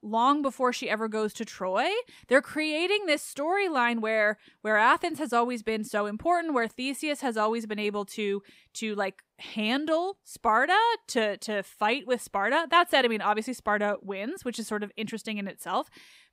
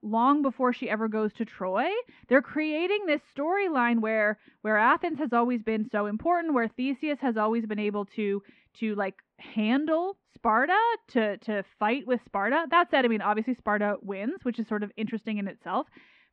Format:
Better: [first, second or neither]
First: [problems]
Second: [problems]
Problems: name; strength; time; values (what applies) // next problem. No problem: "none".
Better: first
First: none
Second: muffled; very; fading above 2.5 kHz